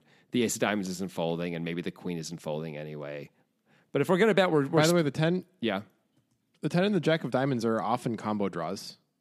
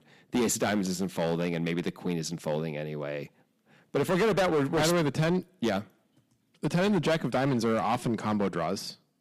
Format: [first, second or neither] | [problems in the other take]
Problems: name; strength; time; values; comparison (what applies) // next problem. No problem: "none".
first | distortion; heavy; 10% of the sound clipped